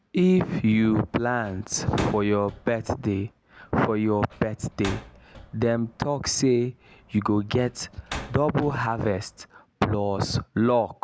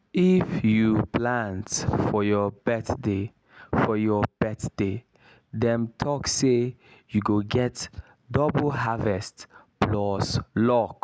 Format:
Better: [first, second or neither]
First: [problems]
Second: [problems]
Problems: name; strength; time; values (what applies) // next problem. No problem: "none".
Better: second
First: background sound (Slam); 18 dB below the speech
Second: none